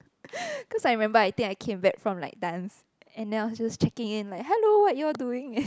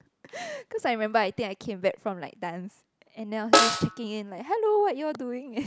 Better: first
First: none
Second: background sound (Snare drum); 3 dB above the speech

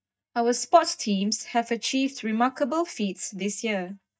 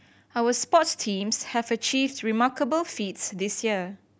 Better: second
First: noise reduction (neural mask model DeepFilterNet 3)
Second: none

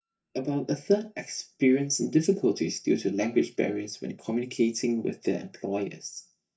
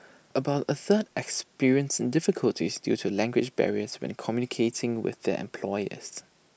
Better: second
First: noise reduction (neural mask model DeepFilterNet 3)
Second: none

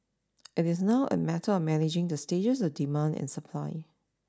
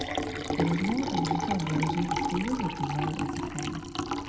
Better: first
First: none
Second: background sound (Liquid); 1 dB above the speech // room echo; dies away in 0.9 s

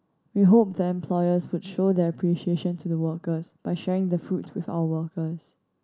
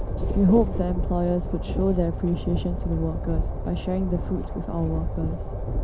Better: first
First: none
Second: background sound (Train); 1 dB below the speech

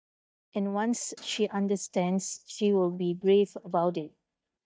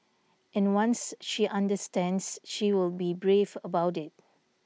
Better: second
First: noise reduction (neural mask model DeepFilterNet 3)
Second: none

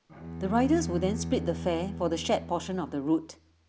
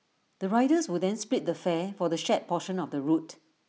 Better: second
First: background sound (Bowed string instrument); 8 dB below the speech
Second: none

